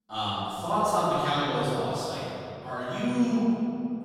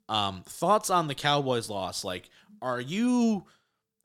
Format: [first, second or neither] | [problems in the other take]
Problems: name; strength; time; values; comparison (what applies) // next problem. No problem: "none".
second | room echo; strong; dies away in 2.6 s // off-mic speech; far